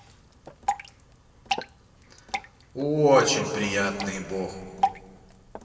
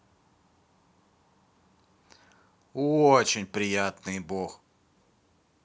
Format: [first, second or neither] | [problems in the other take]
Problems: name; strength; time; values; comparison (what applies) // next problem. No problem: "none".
second | background sound (Drip / Water); 7 dB below the speech // room echo; dies away in 2.7 s